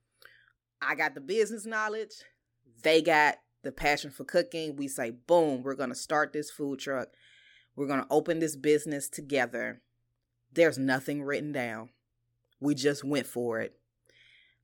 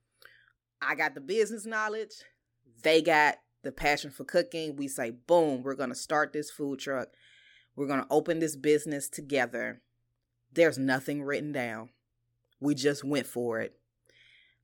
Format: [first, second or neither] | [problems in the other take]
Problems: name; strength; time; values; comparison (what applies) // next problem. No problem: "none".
neither | none